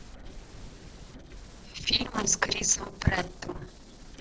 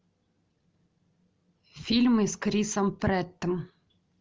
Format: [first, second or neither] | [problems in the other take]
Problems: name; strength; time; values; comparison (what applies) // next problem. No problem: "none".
second | noise reduction (neural separator model SepFormer DNS4)